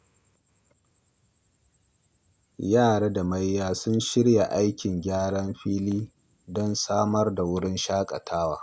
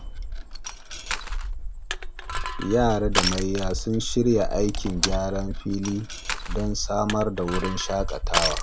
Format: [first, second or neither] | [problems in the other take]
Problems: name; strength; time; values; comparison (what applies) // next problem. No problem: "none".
first | background sound (Crushing); 1 dB below the speech